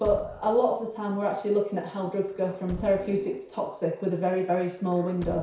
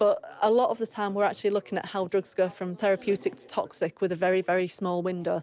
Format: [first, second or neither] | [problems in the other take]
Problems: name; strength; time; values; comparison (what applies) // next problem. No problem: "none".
second | background sound (Truck); 17 dB below the speech // room echo; dies away in 0.6 s